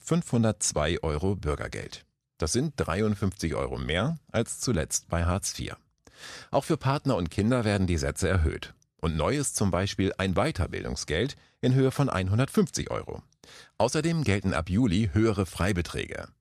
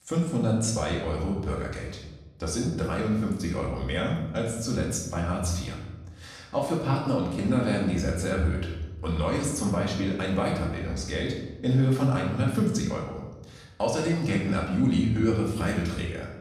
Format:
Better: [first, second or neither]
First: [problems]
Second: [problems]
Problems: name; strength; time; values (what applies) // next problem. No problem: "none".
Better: first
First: none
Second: off-mic speech; far // room echo; noticeable; dies away in 1 s